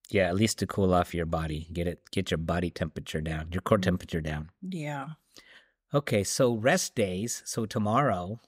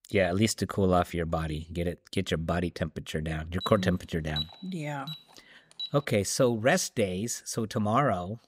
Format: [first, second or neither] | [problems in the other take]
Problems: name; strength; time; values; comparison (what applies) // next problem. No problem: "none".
first | alarm; noticeable; from 3.5 to 6 s; peak 6 dB below the speech